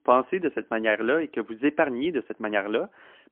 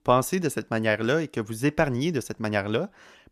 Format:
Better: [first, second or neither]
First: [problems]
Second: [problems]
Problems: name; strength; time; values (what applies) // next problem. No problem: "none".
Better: second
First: phone-call audio; poor line; nothing above 3.5 kHz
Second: none